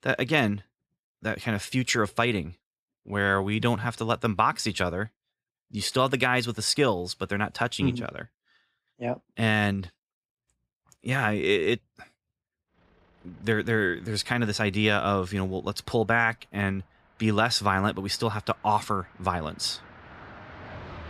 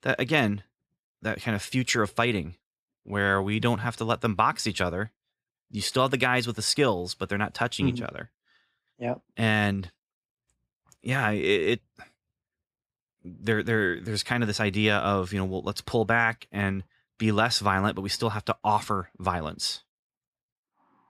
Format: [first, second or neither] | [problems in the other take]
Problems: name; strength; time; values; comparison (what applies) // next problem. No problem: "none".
second | traffic noise; faint; from 13 s on; 25 dB below the speech